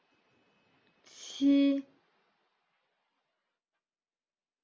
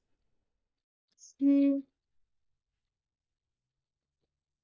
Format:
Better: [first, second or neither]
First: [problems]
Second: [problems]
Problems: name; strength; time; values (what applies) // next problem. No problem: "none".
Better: first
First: none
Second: noise reduction (neural mask model DeepFilterNet 3)